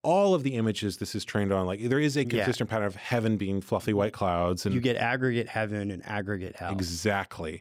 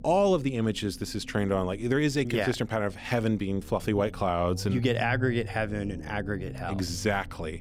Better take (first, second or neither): first